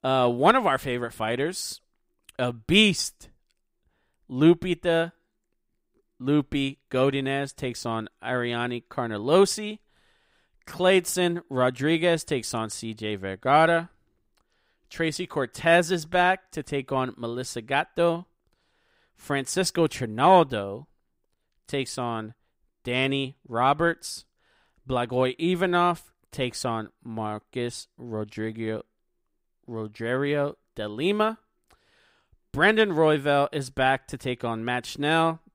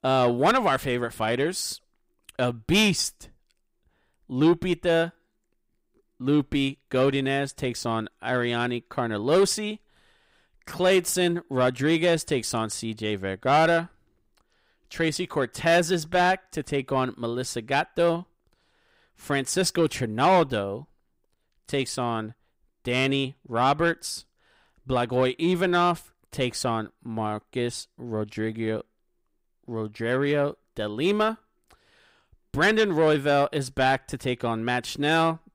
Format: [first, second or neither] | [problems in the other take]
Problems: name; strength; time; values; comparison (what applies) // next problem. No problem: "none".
first | distortion; slight; 10 dB below the speech